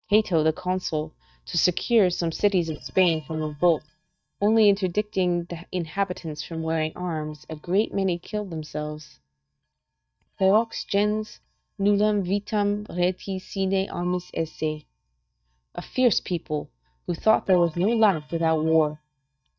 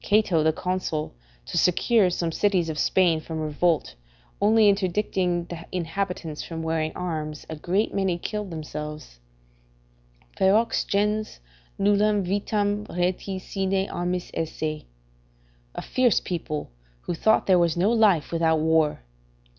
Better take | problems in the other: second | noise reduction (neural mask model DeepFilterNet 3)

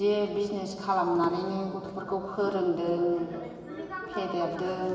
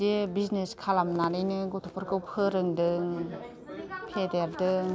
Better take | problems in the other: second | room echo; dies away in 2.1 s

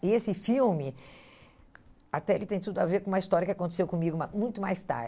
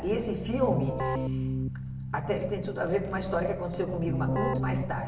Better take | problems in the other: first | background sound (Keyboard (musical)); 1 dB below the speech // room echo; dies away in 1 s

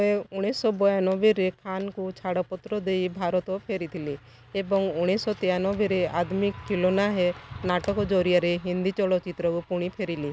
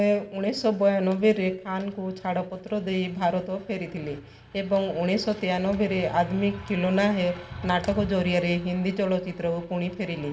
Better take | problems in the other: first | room echo; dies away in 0.6 s

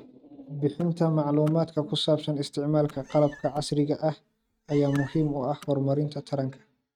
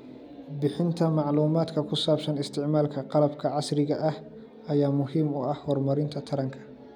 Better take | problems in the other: second | noise reduction (neural mask model RNNoise)

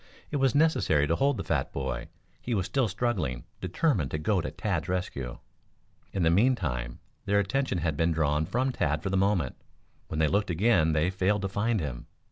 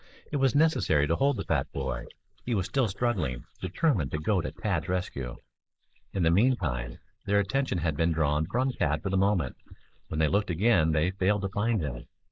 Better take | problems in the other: first | noise reduction (neural mask model Resemble Enhance denoiser)

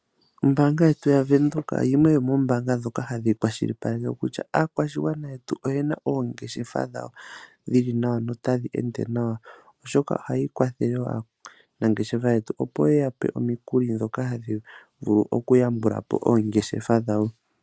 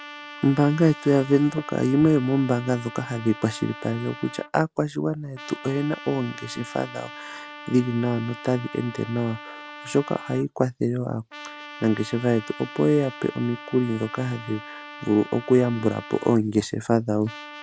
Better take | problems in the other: first | background sound (Trumpet); 16 dB below the speech

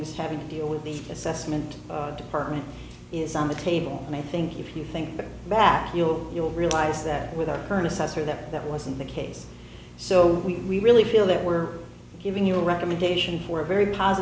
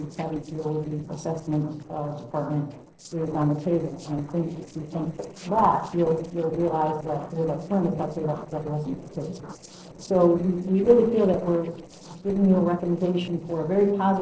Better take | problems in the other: first | noise reduction (neural separator model SepFormer DNS4)

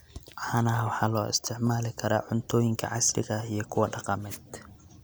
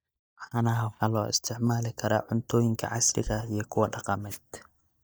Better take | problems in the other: first | noise reduction (neural mask model DeepFilterNet 3)

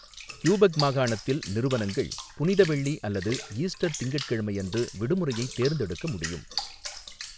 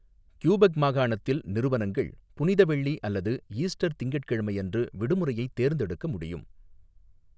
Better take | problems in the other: second | background sound (Bathtub (filling or washing) / Water); 12 dB below the speech

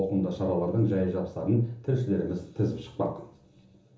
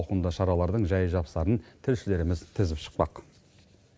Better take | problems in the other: second | room echo; dies away in 1.2 s

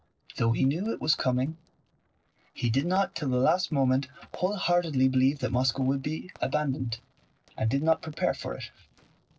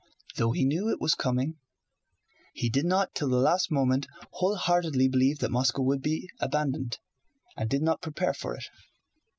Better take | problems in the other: second | noise reduction (neural separator model SepFormer DNS4)

